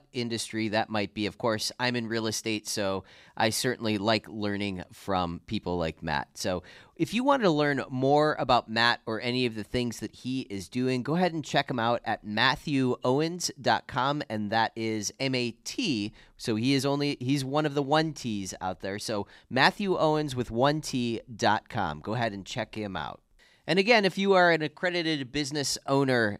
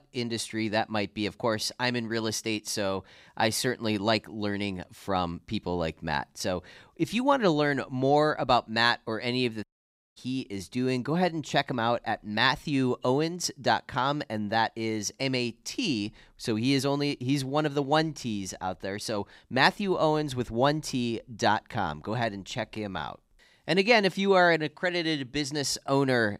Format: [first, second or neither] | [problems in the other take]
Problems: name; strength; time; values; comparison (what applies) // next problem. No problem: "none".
first | audio cutting out; at 9.5 s for 0.5 s